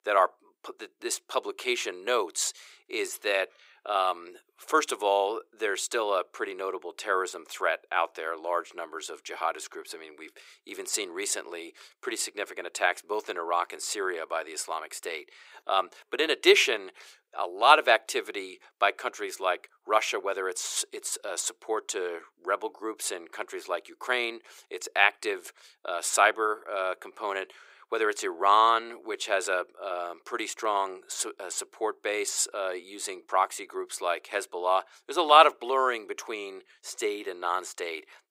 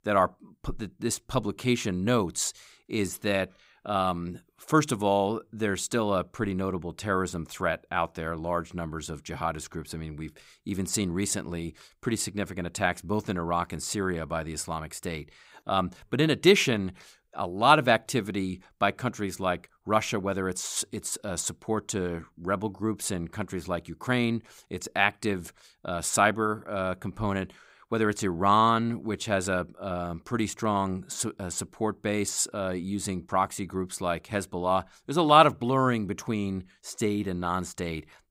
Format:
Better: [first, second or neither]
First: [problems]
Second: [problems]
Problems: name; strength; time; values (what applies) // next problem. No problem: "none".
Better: second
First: thin; very; fading below 400 Hz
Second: none